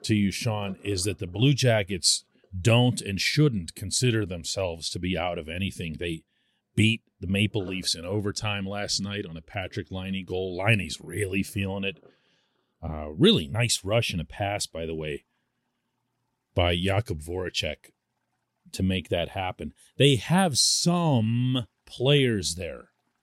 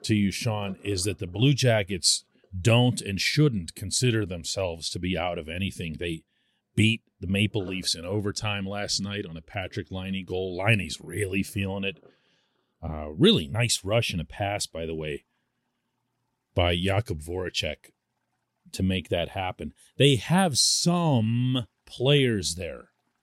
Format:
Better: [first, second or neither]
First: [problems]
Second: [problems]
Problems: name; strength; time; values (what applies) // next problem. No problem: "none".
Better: neither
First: household noises; faint; throughout; 30 dB below the speech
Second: household noises; faint; throughout; 30 dB below the speech